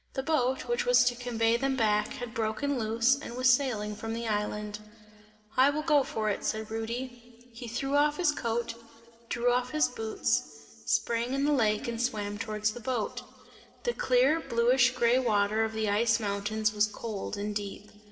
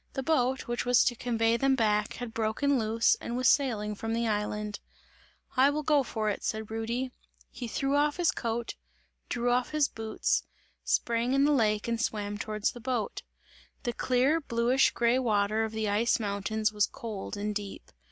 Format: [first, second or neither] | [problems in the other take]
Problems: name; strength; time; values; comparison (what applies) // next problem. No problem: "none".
second | room echo; dies away in 2.2 s